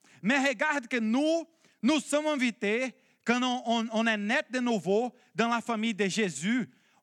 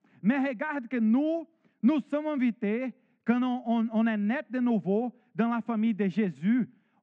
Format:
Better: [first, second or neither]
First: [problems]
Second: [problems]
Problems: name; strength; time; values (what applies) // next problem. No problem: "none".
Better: first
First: none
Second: muffled; very; fading above 2 kHz